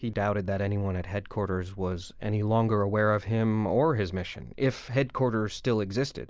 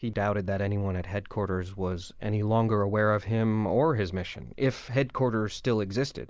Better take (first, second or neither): first